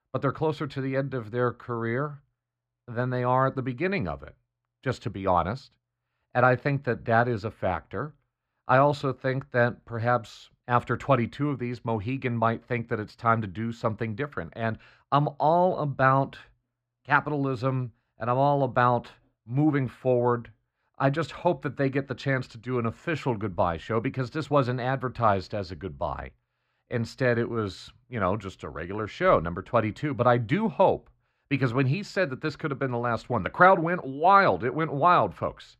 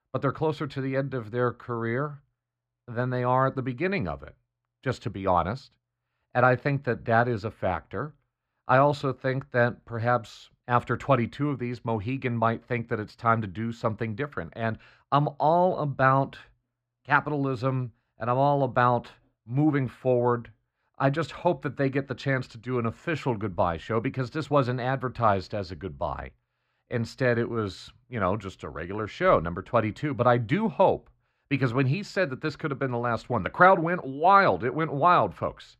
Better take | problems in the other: neither | muffled; very; fading above 4 kHz; the same in both

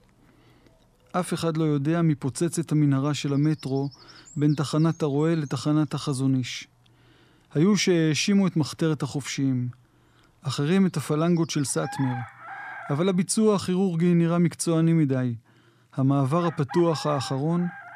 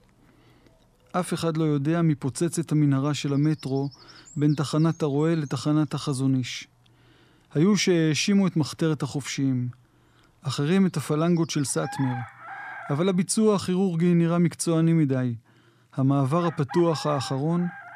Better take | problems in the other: neither | animal sounds; noticeable; throughout; 20 dB below the speech; the same in both

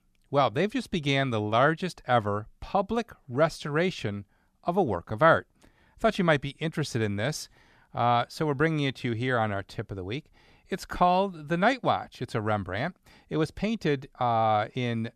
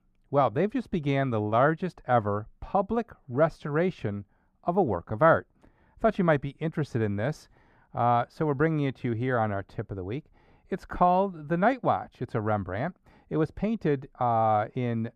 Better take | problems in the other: first | muffled; slightly; fading above 2 kHz

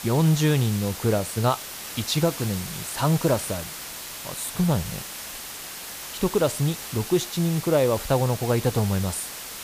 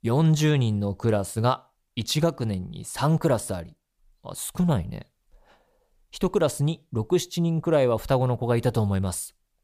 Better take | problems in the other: second | hiss; loud; throughout; 9 dB below the speech

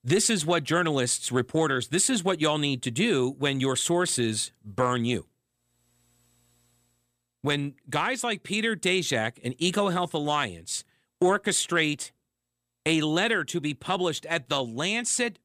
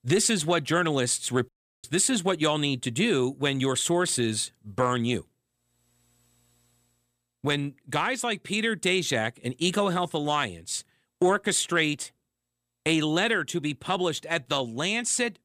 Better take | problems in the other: first | audio cutting out; at 1.5 s

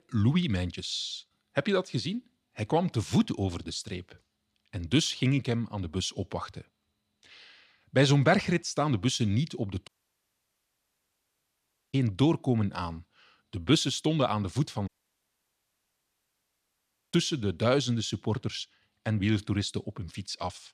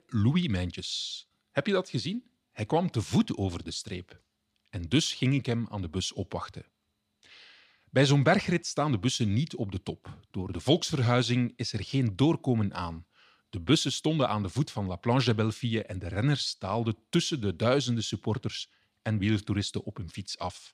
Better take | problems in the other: second | audio cutting out; at 10 s for 2 s and at 15 s for 2 s

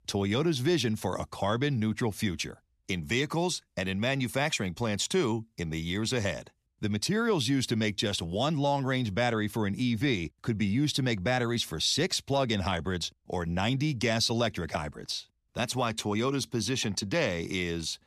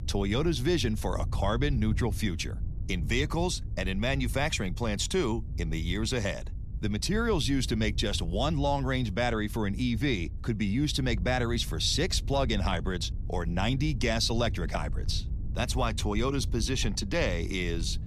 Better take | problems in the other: first | low rumble; faint; throughout; 20 dB below the speech

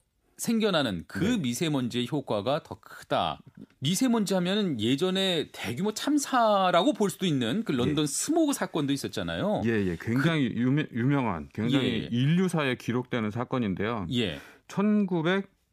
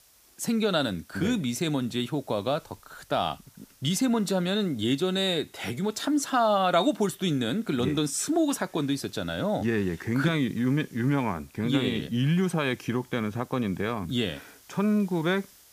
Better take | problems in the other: first | hiss; faint; throughout; 30 dB below the speech

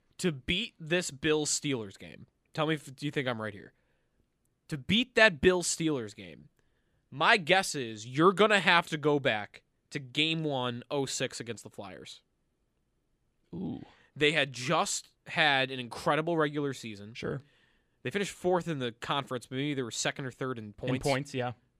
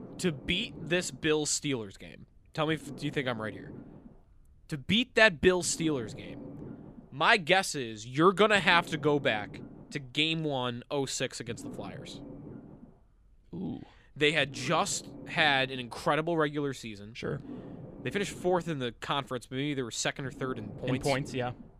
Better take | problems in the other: first | low rumble; faint; throughout; 20 dB below the speech

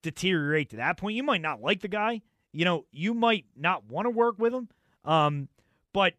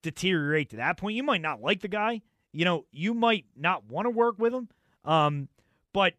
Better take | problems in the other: neither | none

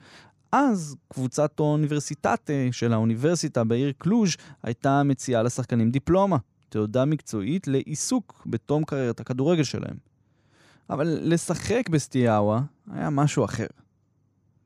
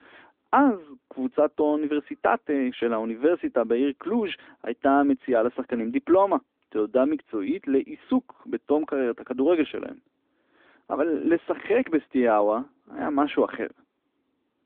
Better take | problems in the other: first | phone-call audio; nothing above 3.5 kHz

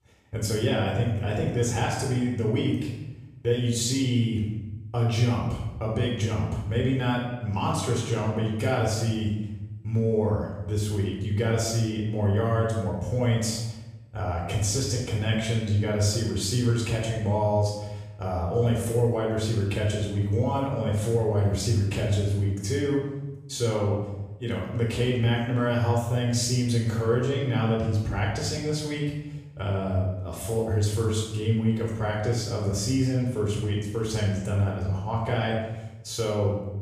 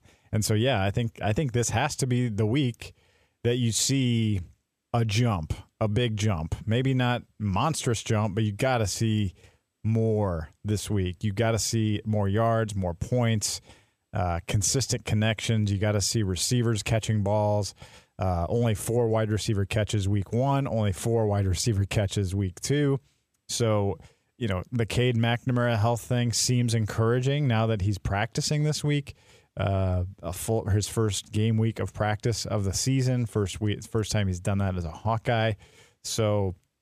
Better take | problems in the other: second | off-mic speech; far // room echo; noticeable; dies away in 0.9 s

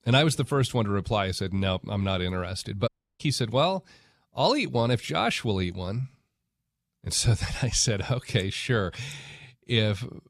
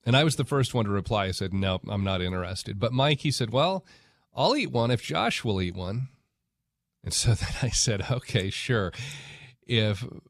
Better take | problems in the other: second | audio cutting out; at 3 s

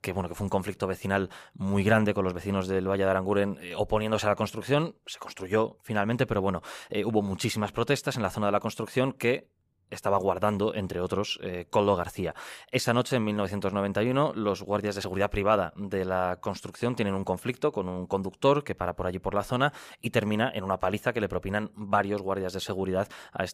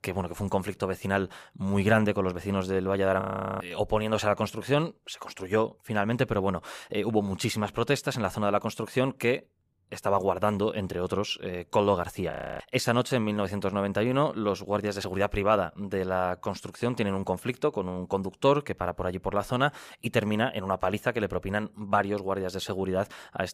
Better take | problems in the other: first | audio freezing; at 3 s and at 12 s

